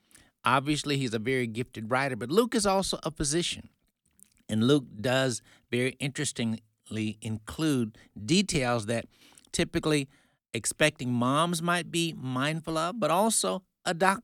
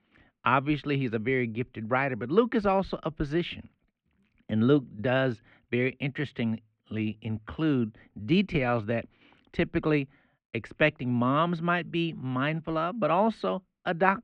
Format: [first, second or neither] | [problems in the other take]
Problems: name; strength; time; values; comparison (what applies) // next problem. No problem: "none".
first | muffled; very; fading above 2.5 kHz